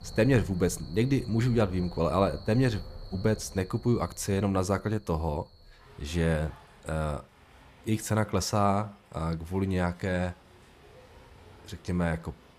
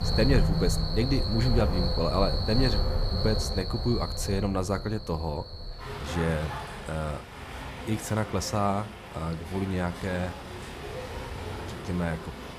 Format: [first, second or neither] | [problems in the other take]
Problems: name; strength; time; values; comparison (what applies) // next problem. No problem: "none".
first | animal sounds; loud; throughout; 3 dB below the speech; faint in the first